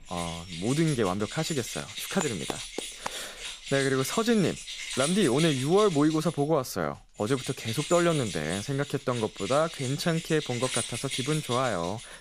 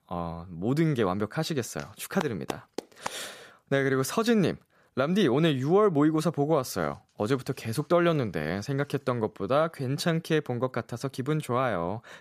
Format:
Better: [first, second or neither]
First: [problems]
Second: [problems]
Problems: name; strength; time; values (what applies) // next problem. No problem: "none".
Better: second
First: household noises; loud; throughout; 7 dB below the speech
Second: none